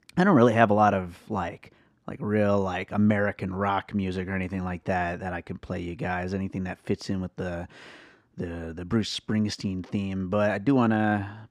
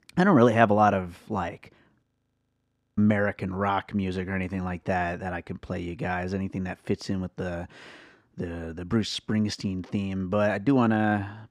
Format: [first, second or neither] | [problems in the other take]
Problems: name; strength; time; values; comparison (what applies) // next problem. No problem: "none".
first | audio freezing; at 2 s for 1 s